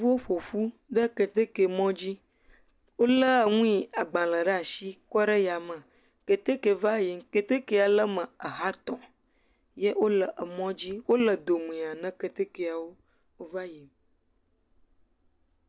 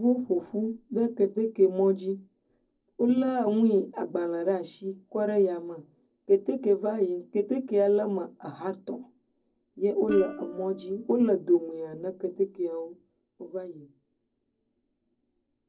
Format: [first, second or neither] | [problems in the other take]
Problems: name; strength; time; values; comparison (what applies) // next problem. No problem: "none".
first | noise reduction (neural separator model SepFormer DNS4)